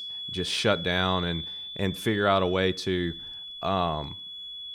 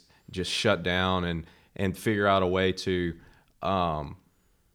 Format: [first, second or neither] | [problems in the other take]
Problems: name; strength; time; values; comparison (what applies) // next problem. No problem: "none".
second | high-pitched whine; loud; throughout; 3.5 kHz, 9 dB below the speech